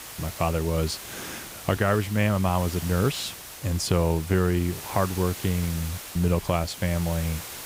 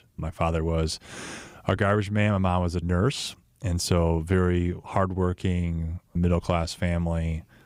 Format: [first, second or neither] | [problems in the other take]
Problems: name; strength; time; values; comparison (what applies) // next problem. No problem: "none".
second | hiss; noticeable; throughout; 10 dB below the speech